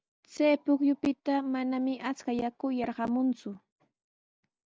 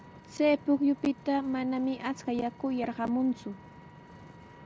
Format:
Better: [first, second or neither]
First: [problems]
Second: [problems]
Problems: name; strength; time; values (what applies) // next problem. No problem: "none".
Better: first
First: none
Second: background sound (Vehicle); 20 dB below the speech